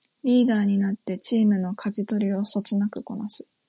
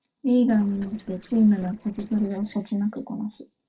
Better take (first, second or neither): first